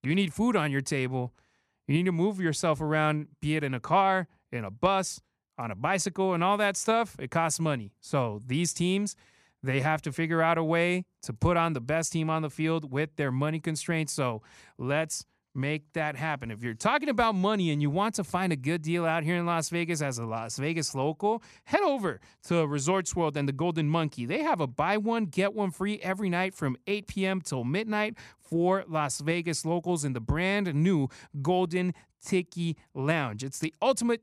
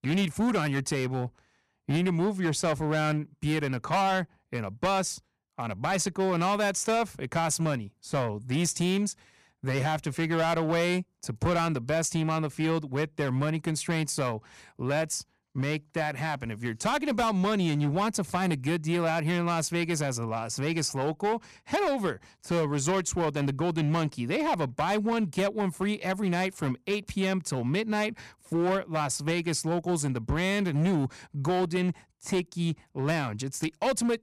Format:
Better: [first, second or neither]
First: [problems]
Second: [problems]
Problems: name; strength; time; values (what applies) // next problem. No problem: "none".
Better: first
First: none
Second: distortion; slight; 10% of the sound clipped